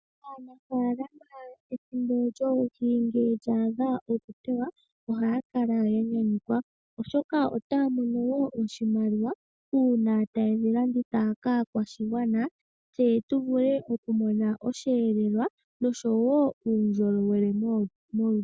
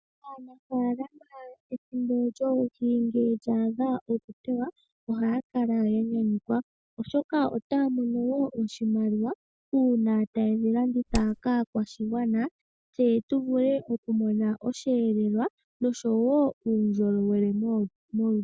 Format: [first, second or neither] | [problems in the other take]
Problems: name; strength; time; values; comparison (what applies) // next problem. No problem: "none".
first | background sound (Hammer); 5 dB below the speech